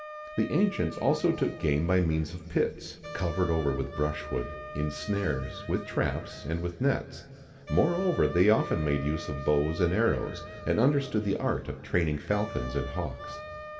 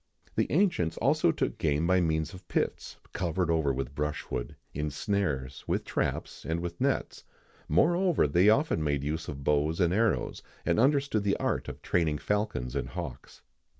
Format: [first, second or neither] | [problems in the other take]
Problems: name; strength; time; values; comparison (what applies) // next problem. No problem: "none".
second | background sound (Wind instrument, woodwind instrument); 14 dB below the speech // room echo; dies away in 2.2 s